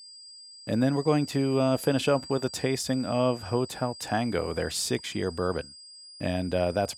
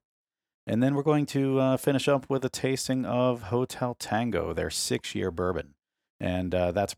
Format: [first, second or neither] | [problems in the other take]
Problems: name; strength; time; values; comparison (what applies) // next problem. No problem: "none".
second | high-pitched whine; noticeable; throughout; 5 kHz, 15 dB below the speech